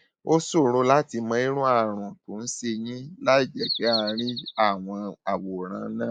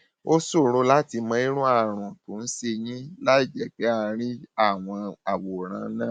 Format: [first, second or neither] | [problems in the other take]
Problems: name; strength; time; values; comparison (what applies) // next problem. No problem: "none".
second | noise reduction (neural mask model Resemble Enhance denoiser)